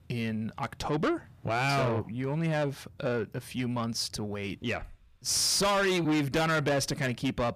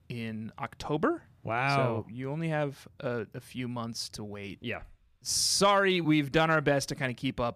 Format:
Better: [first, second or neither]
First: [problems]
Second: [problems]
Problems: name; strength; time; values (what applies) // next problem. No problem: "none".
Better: second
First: distortion; heavy; 7 dB below the speech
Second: none